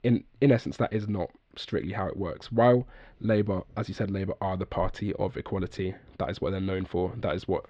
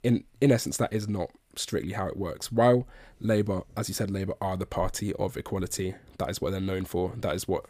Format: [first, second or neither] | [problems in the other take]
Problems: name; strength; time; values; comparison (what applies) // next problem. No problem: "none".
second | muffled; slightly; fading above 4 kHz